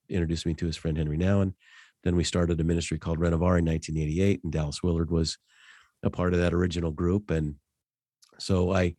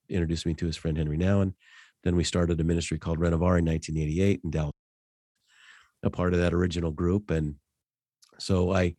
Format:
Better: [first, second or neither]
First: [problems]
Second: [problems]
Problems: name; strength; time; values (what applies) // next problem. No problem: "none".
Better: first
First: none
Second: audio cutting out; at 4.5 s for 0.5 s